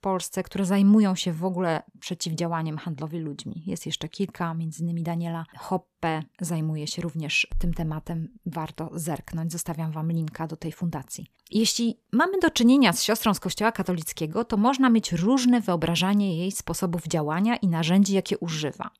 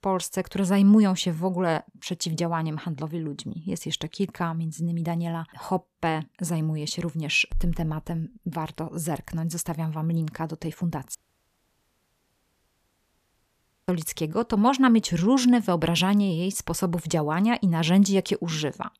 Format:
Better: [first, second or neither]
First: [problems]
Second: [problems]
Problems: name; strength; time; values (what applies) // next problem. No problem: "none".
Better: first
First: none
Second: audio cutting out; at 11 s for 2.5 s